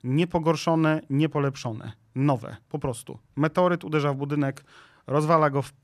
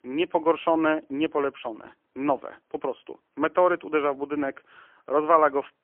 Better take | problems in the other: first | phone-call audio; poor line; nothing above 3 kHz

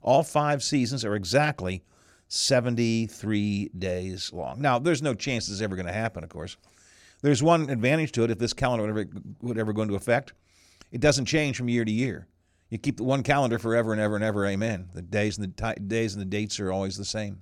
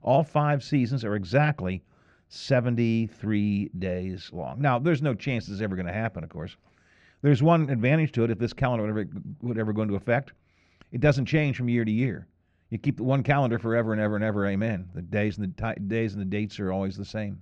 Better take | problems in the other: first | muffled; slightly; fading above 2.5 kHz

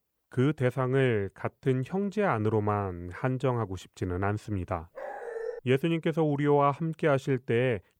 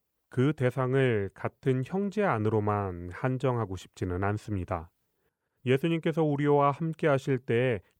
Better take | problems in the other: second | dog barking; noticeable; at 5 s; peak 8 dB below the speech

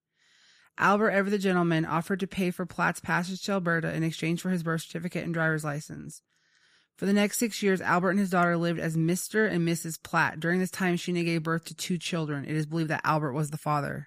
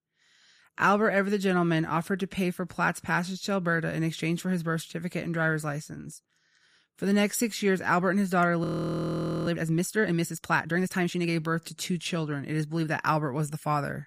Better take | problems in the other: first | audio freezing; at 8.5 s for 1 s

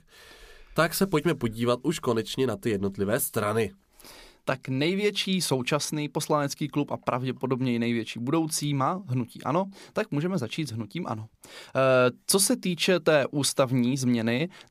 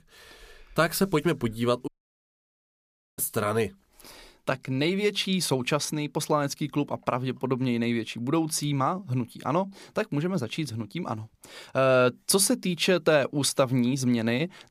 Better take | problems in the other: first | audio cutting out; at 2 s for 1.5 s

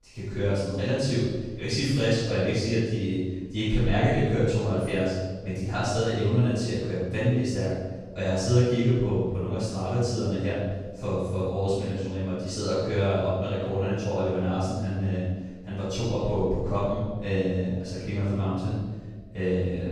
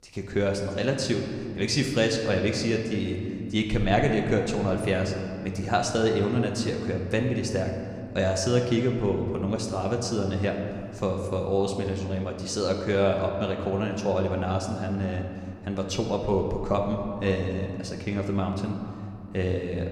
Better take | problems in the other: second | room echo; strong; dies away in 1.4 s; slight in the second // off-mic speech; far

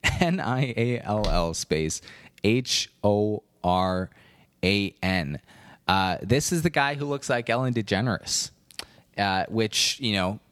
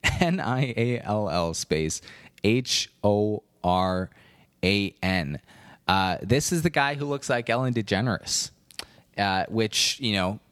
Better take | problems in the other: second | footsteps; noticeable; at 1 s; peak 8 dB below the speech

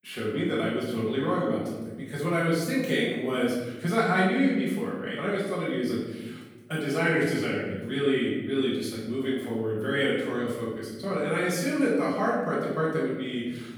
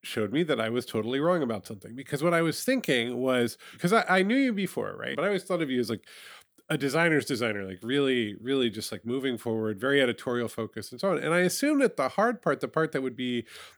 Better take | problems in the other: second | off-mic speech; far // room echo; noticeable; dies away in 1.1 s

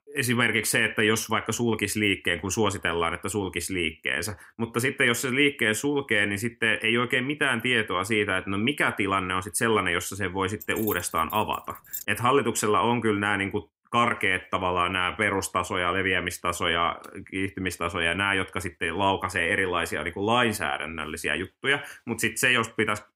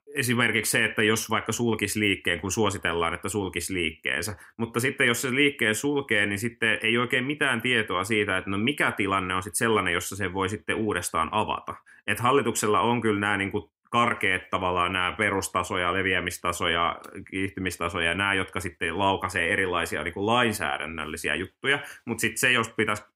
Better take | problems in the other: second | jangling keys; noticeable; from 11 to 12 s; peak 9 dB below the speech

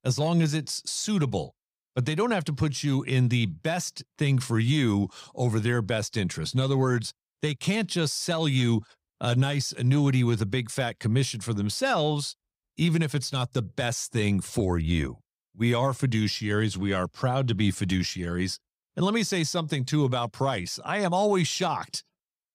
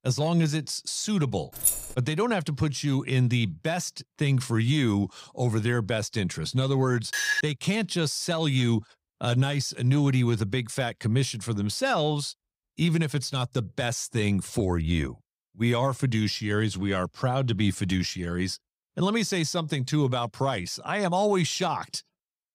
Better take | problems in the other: first | jangling keys; loud; at 1.5 s; peak 2 dB above the speech // clattering dishes; loud; at 7 s; peak 1 dB above the speech

